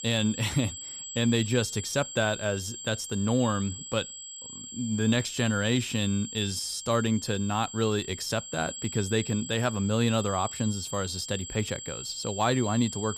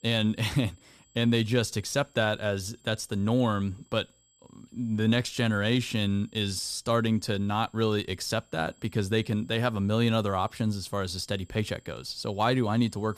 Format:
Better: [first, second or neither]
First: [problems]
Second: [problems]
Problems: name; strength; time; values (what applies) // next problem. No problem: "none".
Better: second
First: high-pitched whine; loud; throughout; 7.5 kHz, 9 dB below the speech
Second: high-pitched whine; faint; throughout; 7.5 kHz, 35 dB below the speech